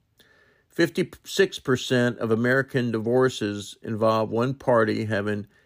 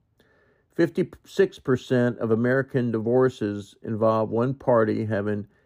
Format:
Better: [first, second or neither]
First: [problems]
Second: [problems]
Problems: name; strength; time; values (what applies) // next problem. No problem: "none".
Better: first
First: none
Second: muffled; slightly; fading above 1.5 kHz